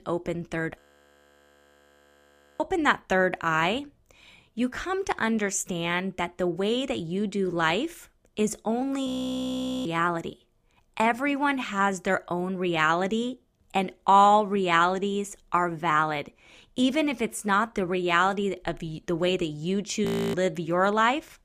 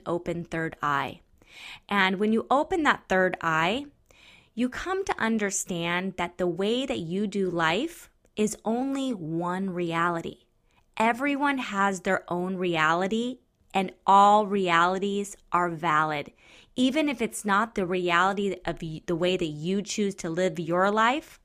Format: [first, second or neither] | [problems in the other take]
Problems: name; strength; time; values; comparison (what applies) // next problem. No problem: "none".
second | audio freezing; at 1 s for 2 s, at 9 s for 1 s and at 20 s